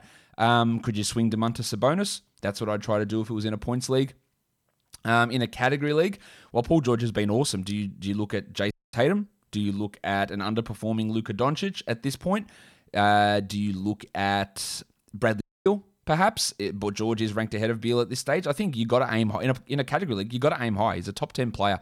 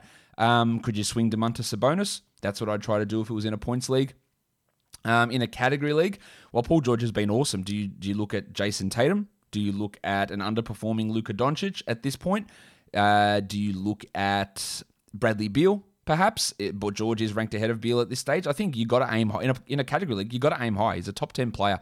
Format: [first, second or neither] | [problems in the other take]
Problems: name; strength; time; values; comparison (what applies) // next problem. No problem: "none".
second | audio cutting out; at 8.5 s and at 15 s